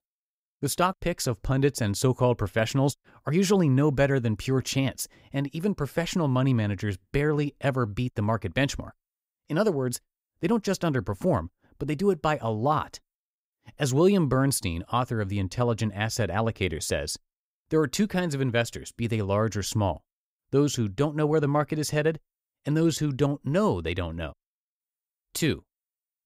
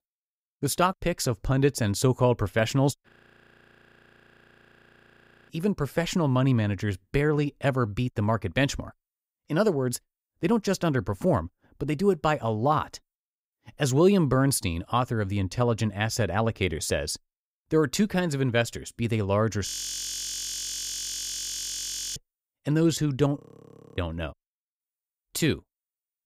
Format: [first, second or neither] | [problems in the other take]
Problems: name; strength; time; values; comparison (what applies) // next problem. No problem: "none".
first | audio freezing; at 3 s for 2.5 s, at 20 s for 2.5 s and at 23 s for 0.5 s